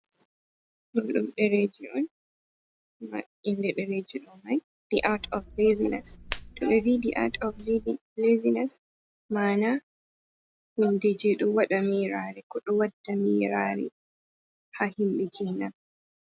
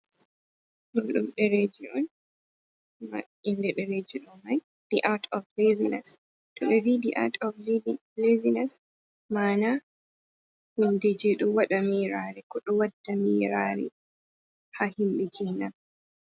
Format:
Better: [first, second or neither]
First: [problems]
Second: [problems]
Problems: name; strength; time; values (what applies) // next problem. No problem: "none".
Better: second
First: background sound (Hands); 15 dB below the speech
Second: none